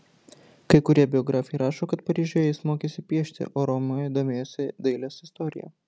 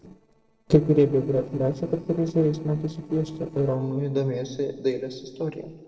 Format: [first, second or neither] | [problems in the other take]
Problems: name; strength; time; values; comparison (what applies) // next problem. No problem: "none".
first | noise reduction (neural separator model SepFormer DNS4)